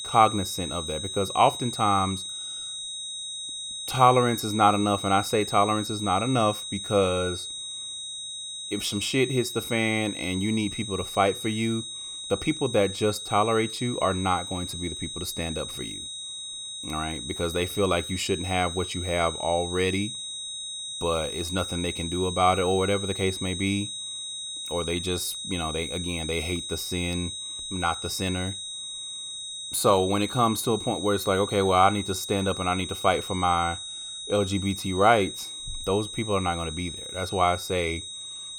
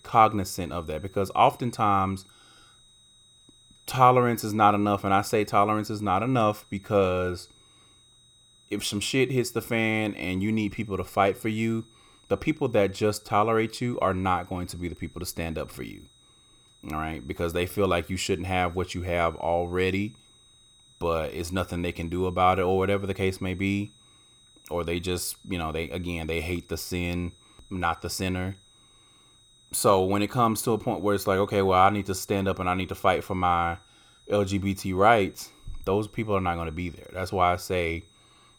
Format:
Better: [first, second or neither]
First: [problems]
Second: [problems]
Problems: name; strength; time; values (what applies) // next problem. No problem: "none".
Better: second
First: high-pitched whine; loud; throughout; 4 kHz, 7 dB below the speech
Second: high-pitched whine; faint; throughout; 4 kHz, 30 dB below the speech